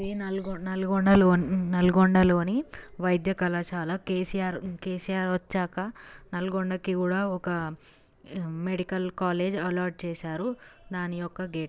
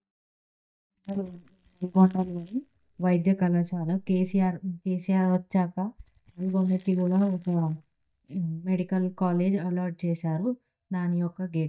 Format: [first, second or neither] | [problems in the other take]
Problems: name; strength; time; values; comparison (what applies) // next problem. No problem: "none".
first | noise reduction (neural mask model DeepFilterNet 3)